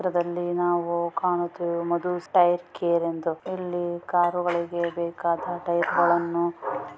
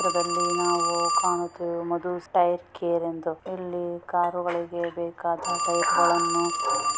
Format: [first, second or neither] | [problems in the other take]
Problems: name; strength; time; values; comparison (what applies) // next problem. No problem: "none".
first | background sound (Telephone); 2 dB below the speech